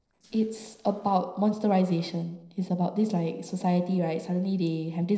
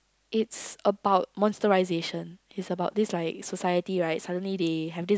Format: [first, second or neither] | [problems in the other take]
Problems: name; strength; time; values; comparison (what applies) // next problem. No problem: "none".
second | noise reduction (neural separator model SepFormer DNS4)